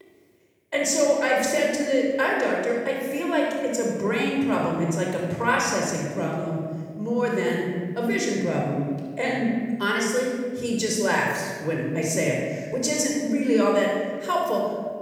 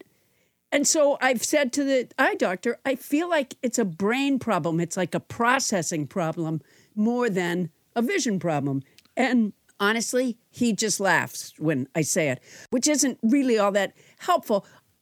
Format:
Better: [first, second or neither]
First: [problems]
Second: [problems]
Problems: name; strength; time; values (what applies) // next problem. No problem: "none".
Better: second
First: off-mic speech; somewhat distant // room echo; noticeable; dies away in 1.5 s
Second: none